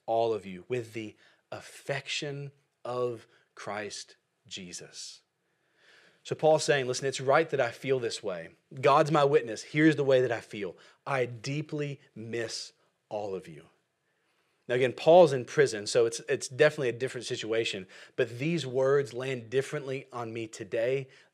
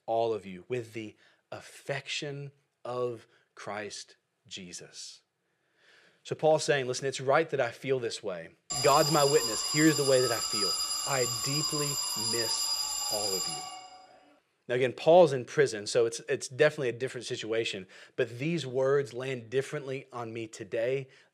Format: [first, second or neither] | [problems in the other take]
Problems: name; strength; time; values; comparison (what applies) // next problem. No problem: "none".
first | alarm; loud; from 8.5 to 14 s; peak 3 dB above the speech